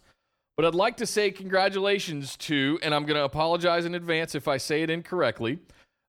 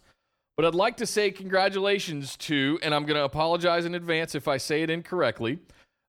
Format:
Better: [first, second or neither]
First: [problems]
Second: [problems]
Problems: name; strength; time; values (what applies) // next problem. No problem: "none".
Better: neither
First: none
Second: none